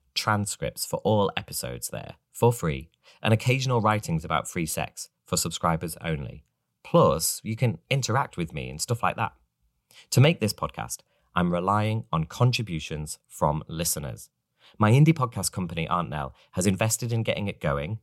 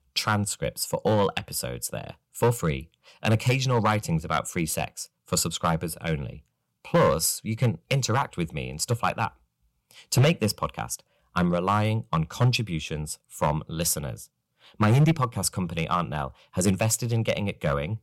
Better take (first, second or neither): first